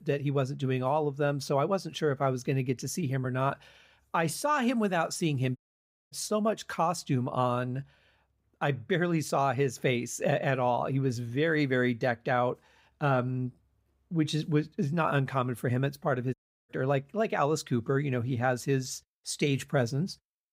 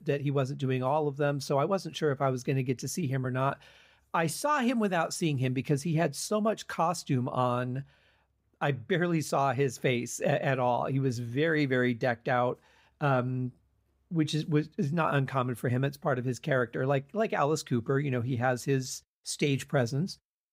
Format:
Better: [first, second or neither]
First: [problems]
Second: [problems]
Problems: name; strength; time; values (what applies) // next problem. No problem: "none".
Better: second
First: audio cutting out; at 5.5 s for 0.5 s and at 16 s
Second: none